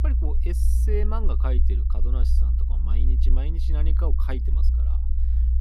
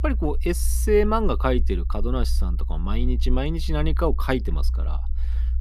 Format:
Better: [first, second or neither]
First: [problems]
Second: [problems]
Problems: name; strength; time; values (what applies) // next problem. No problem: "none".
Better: second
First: low rumble; loud; throughout; 6 dB below the speech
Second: low rumble; faint; throughout; 20 dB below the speech